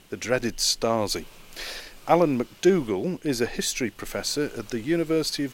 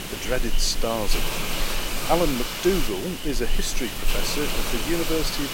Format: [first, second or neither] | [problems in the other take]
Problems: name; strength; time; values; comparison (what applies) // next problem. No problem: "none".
first | hiss; loud; throughout; 1 dB below the speech; faint in the first